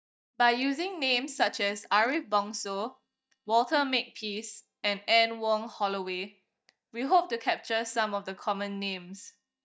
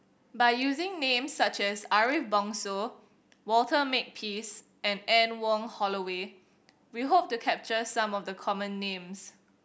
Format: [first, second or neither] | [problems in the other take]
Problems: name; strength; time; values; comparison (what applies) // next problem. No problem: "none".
second | noise reduction (neural mask model DeepFilterNet 3)